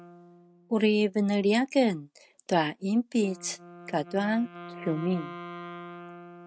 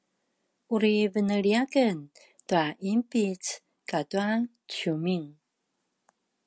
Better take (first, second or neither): second